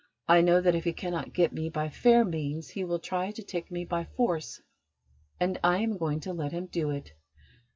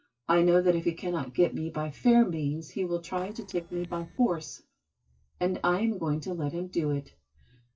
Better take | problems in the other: first | noise reduction (neural separator model SepFormer DNS4)

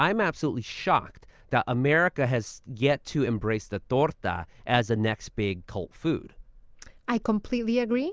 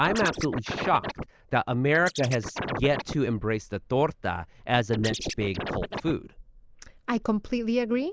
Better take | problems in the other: first | noise reduction (neural mask model Resemble Enhance denoiser)

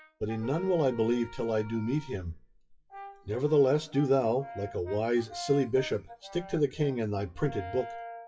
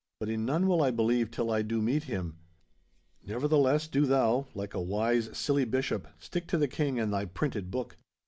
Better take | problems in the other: second | noise reduction (classical method WPE with log-MMSE)

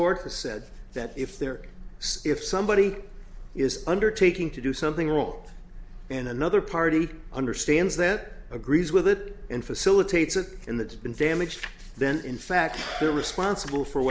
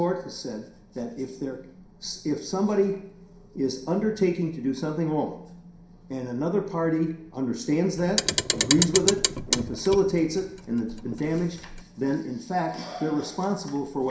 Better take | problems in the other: first | background sound (Clock); 2 dB below the speech // room echo; dies away in 0.5 s

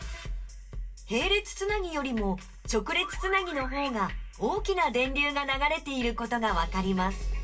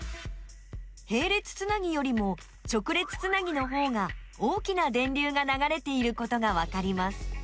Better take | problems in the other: second | room echo; dies away in 0.2 s

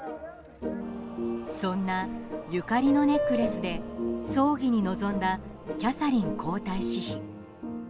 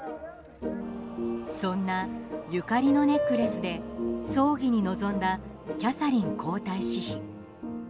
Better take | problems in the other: second | background sound (Wind); 18 dB below the speech

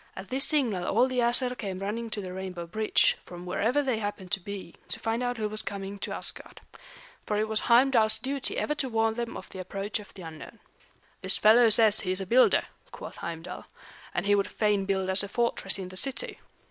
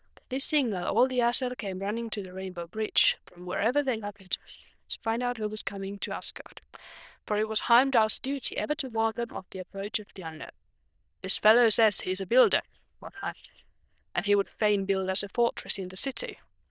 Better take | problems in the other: first | noise reduction (neural diffusion model UNIVERSE++)

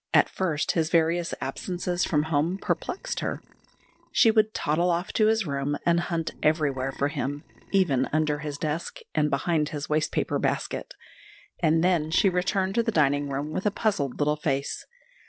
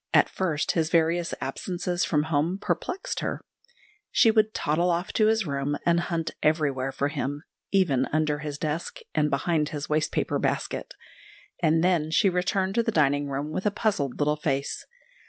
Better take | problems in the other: second | noise reduction (neural separator model SepFormer DNS4)

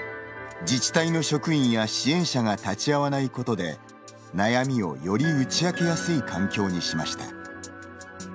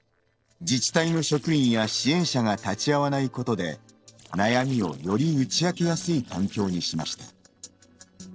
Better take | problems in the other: first | noise reduction (neural separator model SepFormer DNS4)

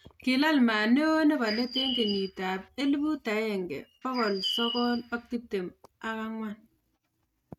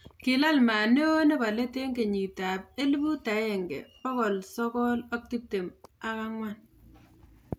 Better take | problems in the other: second | noise reduction (neural mask model RNNoise)

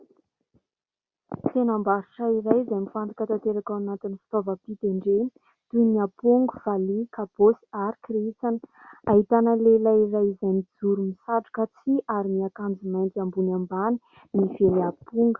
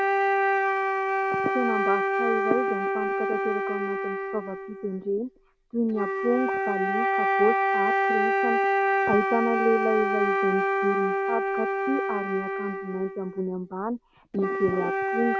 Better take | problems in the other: first | background sound (Wind instrument, woodwind instrument); 3 dB above the speech

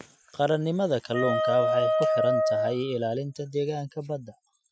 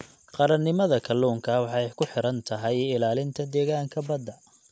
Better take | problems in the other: second | noise reduction (classical method Wiener filter)

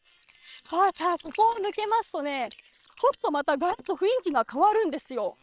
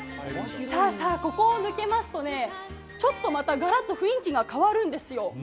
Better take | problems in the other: second | noise reduction (neural separator model SepFormer WHAM!)

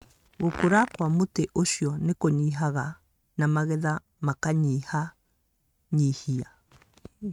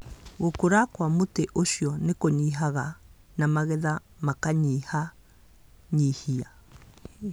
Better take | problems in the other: second | noise reduction (neural mask model RNNoise)

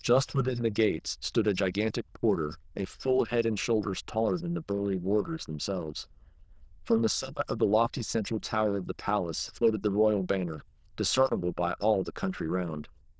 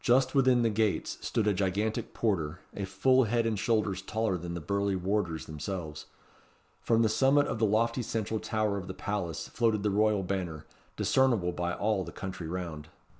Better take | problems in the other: second | noise reduction (neural diffusion model UNIVERSE++)

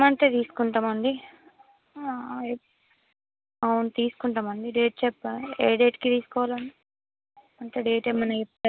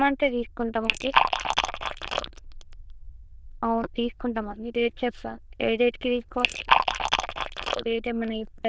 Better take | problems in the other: first | noise reduction (neural diffusion model UNIVERSE++)

